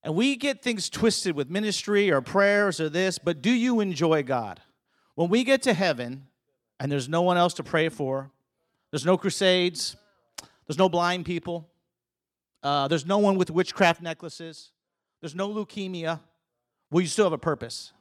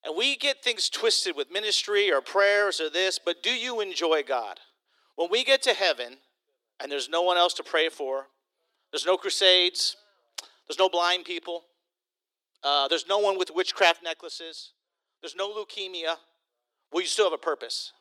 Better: first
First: none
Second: thin; very; fading below 350 Hz

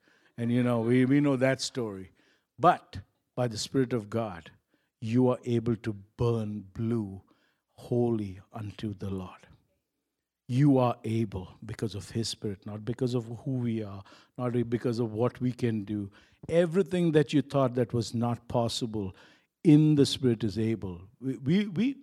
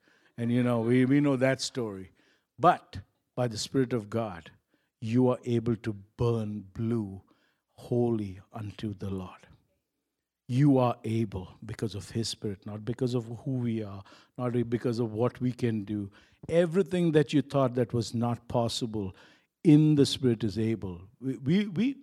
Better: neither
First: none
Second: none

